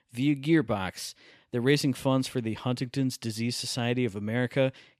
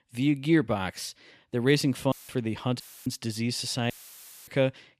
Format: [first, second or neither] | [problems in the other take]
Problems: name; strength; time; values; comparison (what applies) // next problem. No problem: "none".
first | audio cutting out; filled with static; at 2 s, at 3 s and at 4 s for 0.5 s